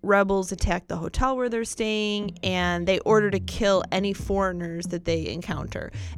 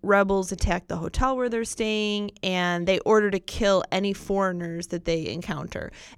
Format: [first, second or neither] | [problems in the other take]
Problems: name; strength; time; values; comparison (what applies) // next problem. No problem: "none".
second | background music; noticeable; throughout; 15 dB below the speech